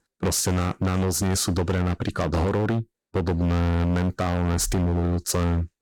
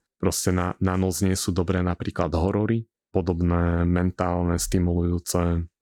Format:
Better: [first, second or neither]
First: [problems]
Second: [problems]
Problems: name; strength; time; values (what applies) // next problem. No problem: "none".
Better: second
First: distortion; heavy; 24% of the sound clipped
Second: none